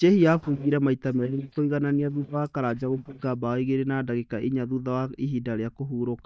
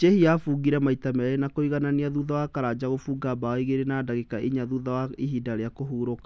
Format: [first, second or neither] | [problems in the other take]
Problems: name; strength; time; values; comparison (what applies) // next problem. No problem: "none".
second | noise reduction (neural mask model DeepFilterNet 3)